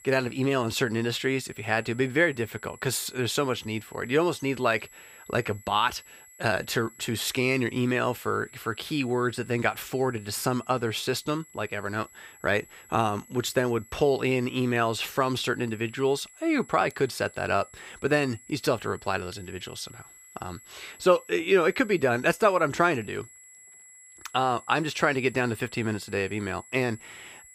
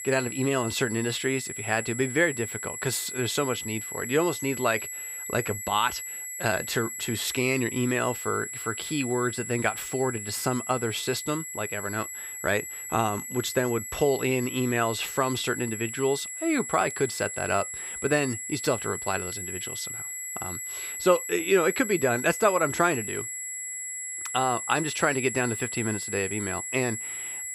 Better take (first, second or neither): first